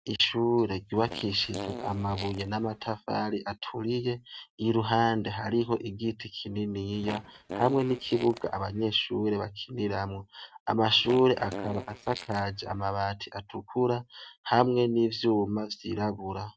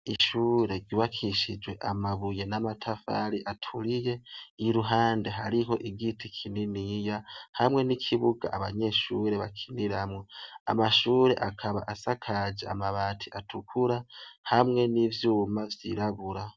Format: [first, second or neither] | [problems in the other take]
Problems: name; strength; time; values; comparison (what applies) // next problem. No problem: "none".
second | noise reduction (neural mask model RNNoise)